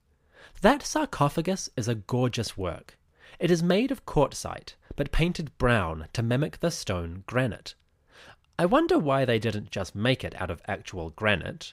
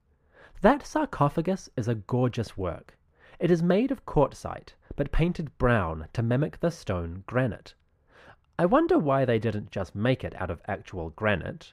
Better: first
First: none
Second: muffled; slightly; fading above 2.5 kHz

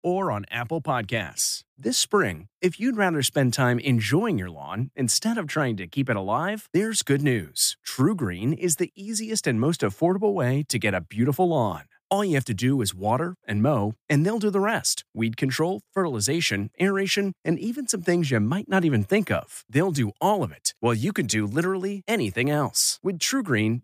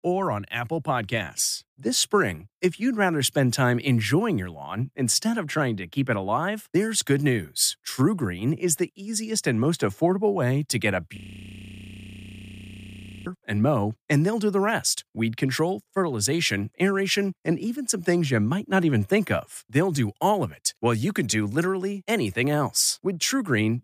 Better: first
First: none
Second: audio freezing; at 11 s for 2 s

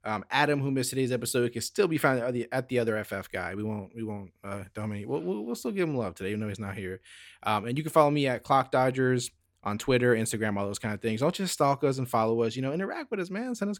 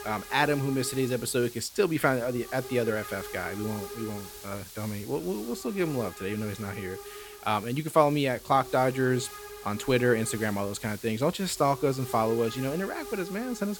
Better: first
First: none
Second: hiss; noticeable; throughout; 15 dB below the speech

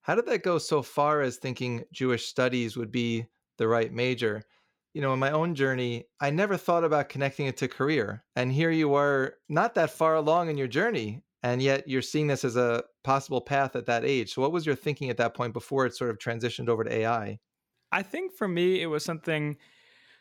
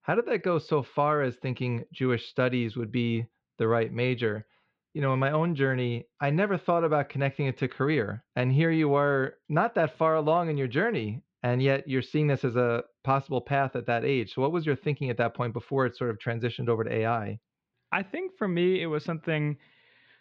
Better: first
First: none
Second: muffled; slightly; fading above 3.5 kHz

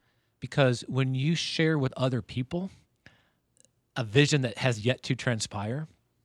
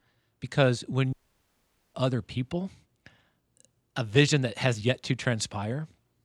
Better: first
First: none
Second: audio cutting out; at 1 s for 1 s

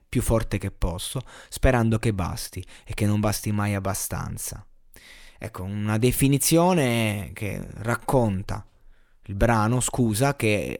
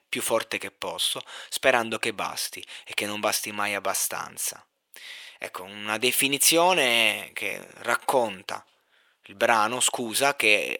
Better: first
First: none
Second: thin; very; fading below 550 Hz

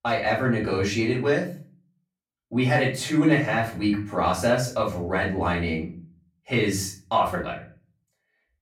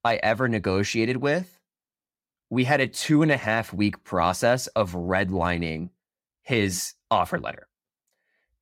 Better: second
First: off-mic speech; far // room echo; slight; dies away in 0.4 s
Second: none

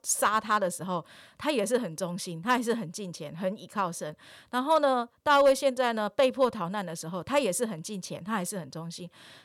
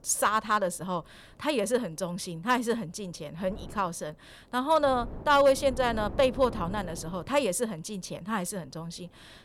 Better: first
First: none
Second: wind noise on the microphone; occasional gusts; 20 dB below the speech

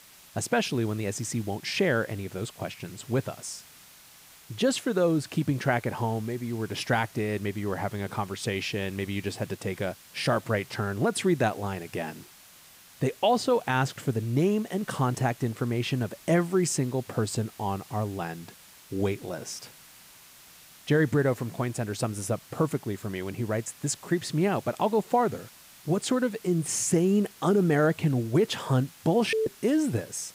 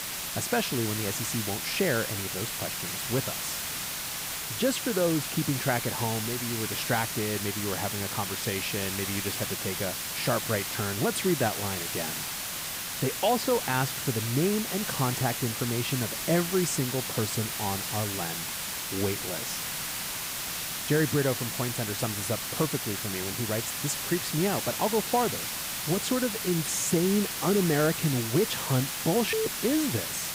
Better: first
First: hiss; faint; throughout; 20 dB below the speech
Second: hiss; loud; throughout; 1 dB below the speech

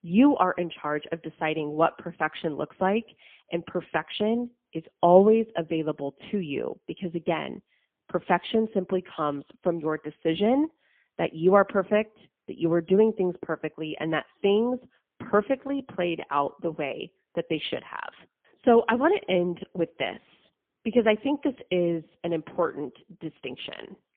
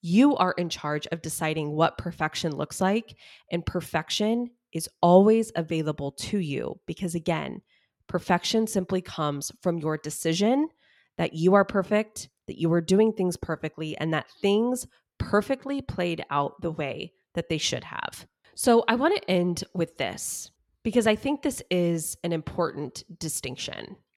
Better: second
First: phone-call audio; poor line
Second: none

